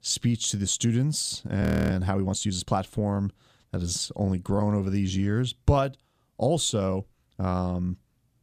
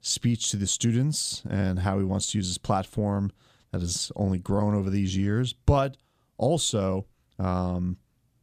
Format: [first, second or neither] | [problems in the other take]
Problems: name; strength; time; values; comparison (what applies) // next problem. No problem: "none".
second | audio freezing; at 1.5 s